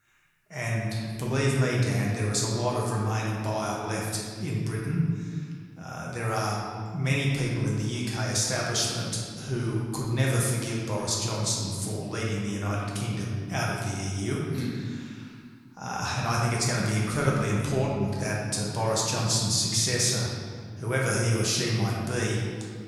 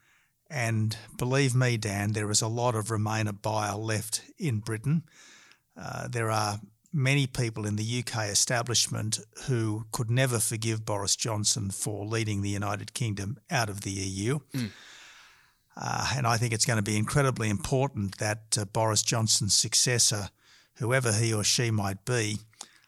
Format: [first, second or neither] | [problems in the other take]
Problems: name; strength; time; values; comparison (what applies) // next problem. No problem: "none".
second | room echo; noticeable; dies away in 1.7 s // off-mic speech; far